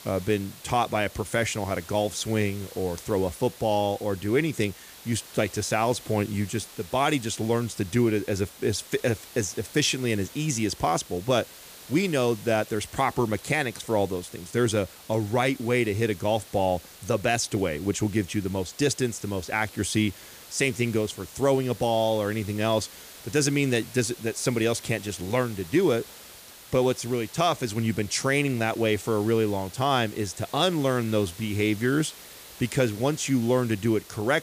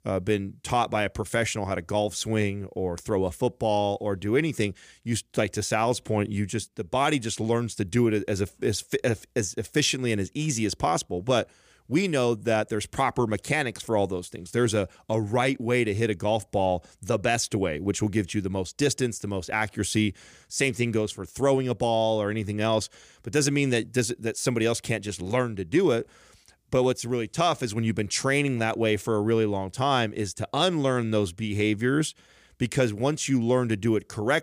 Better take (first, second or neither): second